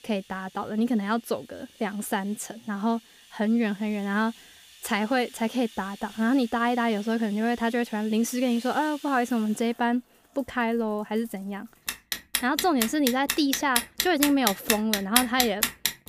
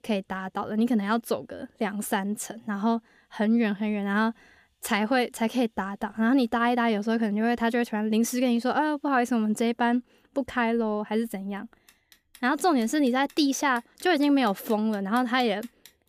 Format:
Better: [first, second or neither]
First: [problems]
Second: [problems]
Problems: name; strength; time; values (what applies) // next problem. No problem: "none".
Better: second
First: household noises; loud; throughout; 1 dB below the speech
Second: household noises; faint; throughout; 25 dB below the speech